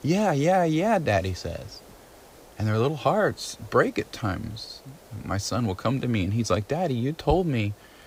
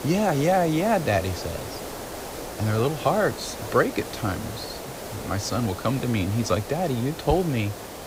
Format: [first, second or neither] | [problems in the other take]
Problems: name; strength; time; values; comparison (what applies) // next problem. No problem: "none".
first | hiss; loud; throughout; 10 dB below the speech; faint in the first